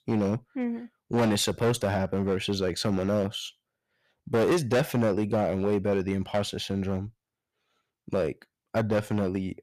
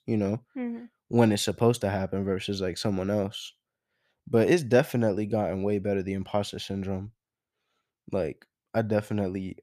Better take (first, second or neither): second